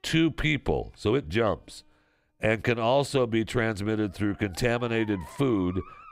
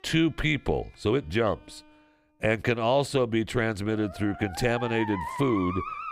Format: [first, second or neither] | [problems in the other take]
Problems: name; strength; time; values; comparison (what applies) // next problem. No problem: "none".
first | background music; loud; throughout; 9 dB below the speech; faint in the first